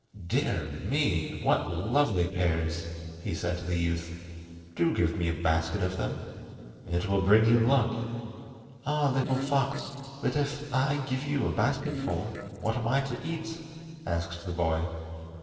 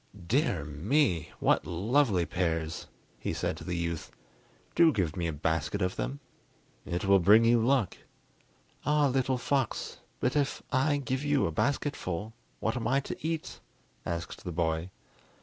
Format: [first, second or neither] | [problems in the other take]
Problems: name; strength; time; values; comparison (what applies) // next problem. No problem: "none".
second | noise reduction (neural separator model SepFormer DNS4)